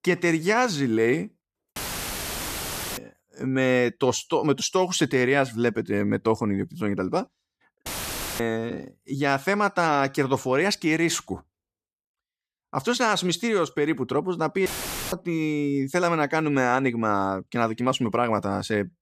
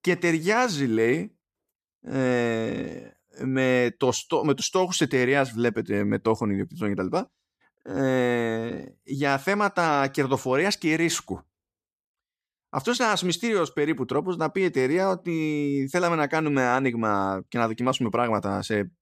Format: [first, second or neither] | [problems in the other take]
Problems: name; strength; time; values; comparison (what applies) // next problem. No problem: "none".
second | audio cutting out; filled with static; at 2 s for 1 s, at 8 s for 0.5 s and at 15 s